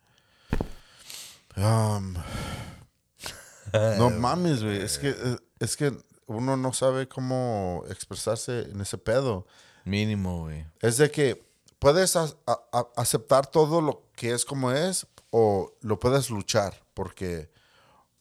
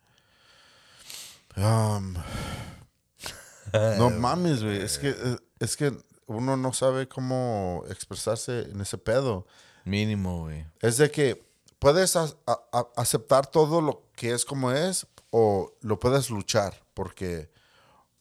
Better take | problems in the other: second | footsteps; noticeable; at 0.5 s; peak 7 dB below the speech

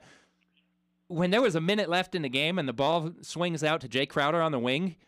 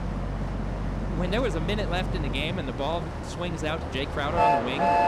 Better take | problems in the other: first | train or aircraft noise; very loud; throughout; 1 dB above the speech

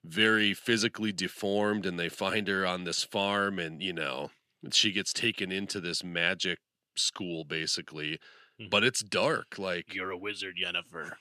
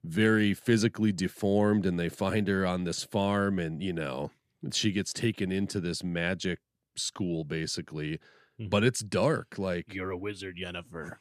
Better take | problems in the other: second | thin; somewhat; fading below 400 Hz

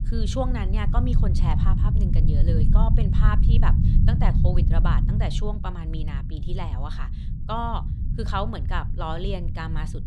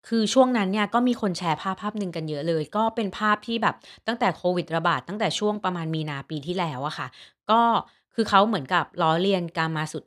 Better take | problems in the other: second | low rumble; loud; throughout; 6 dB below the speech

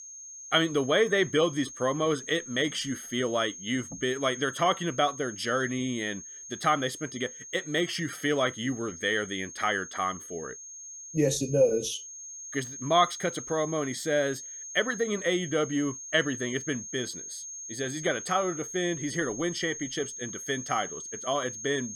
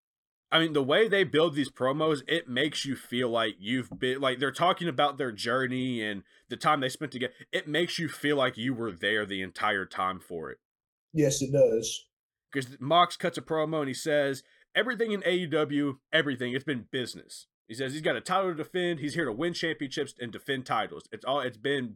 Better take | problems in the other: second | high-pitched whine; noticeable; throughout; 6.5 kHz, 10 dB below the speech

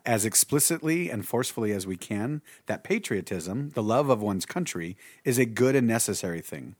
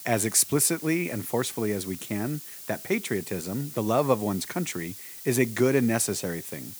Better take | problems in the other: first | hiss; noticeable; throughout; 15 dB below the speech

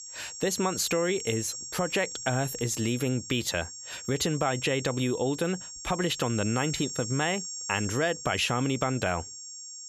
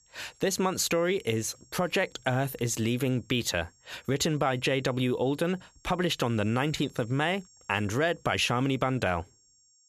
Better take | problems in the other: second | high-pitched whine; loud; throughout; 7.5 kHz, 8 dB below the speech; faint in the second

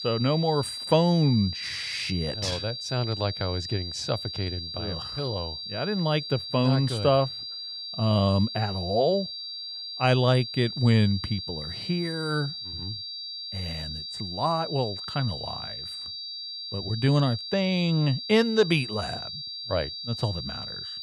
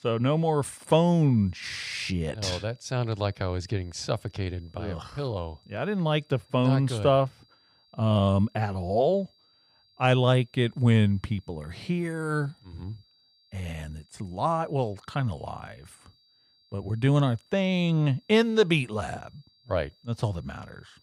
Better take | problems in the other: second | high-pitched whine; loud; throughout; 4.5 kHz, 7 dB below the speech; faint in the second

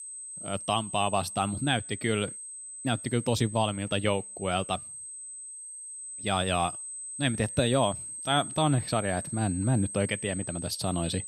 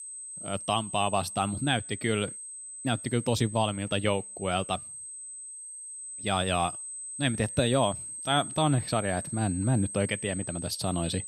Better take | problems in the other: neither | high-pitched whine; loud; throughout; 8 kHz, 8 dB below the speech; the same in both

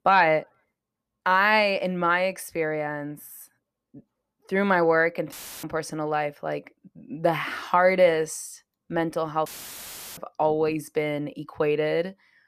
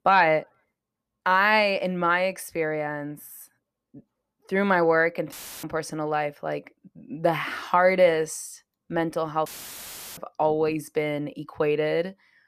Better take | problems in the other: neither | audio cutting out; filled with static; at 5.5 s and at 9.5 s for 0.5 s; the same in both

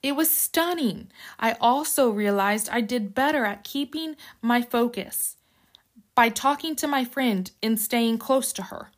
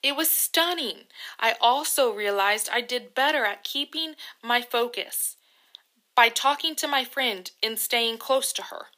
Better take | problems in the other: first | thin; somewhat; fading below 350 Hz

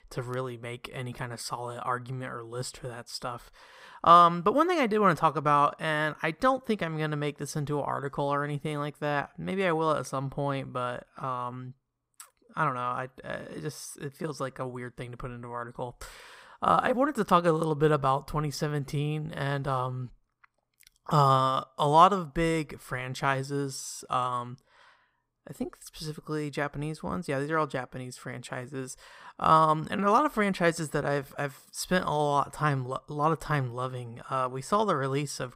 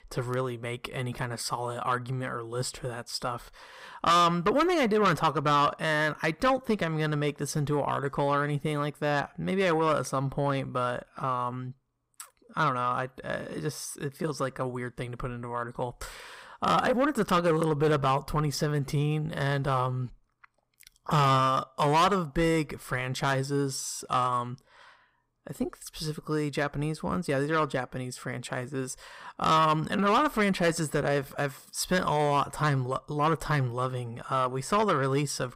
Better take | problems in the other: first | distortion; heavy; 7 dB below the speech

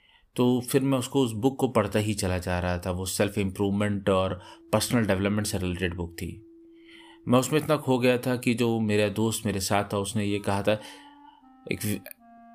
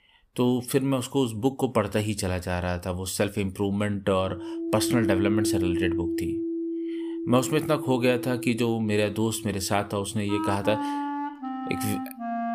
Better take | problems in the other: first | background music; loud; from 5 s on; 4 dB below the speech; faint in the first

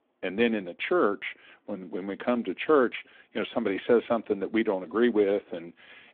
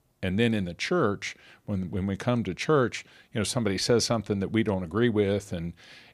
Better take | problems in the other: second | phone-call audio; nothing above 3.5 kHz

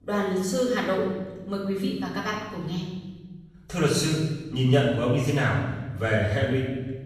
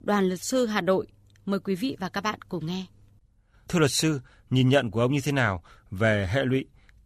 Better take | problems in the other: second | off-mic speech; far // room echo; noticeable; dies away in 1.2 s

